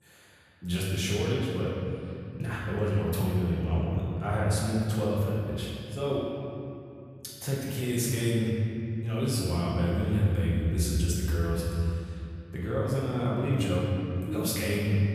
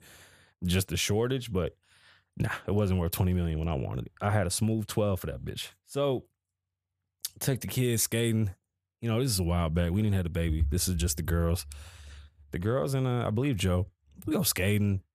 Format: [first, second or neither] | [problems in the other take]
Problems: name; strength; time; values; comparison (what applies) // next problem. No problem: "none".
second | room echo; strong; dies away in 2.7 s // off-mic speech; far